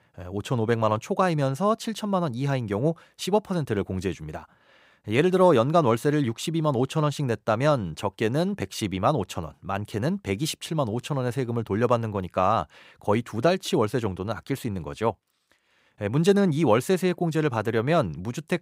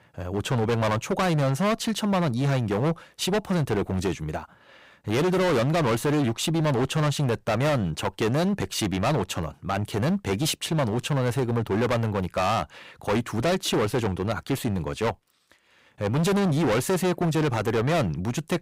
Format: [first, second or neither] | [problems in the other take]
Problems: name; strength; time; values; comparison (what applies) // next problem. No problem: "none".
first | distortion; heavy; 22% of the sound clipped